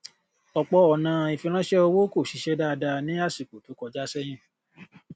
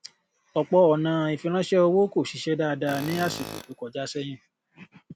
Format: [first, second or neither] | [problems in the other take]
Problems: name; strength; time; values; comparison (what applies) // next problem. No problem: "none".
first | background sound (Tools); 13 dB below the speech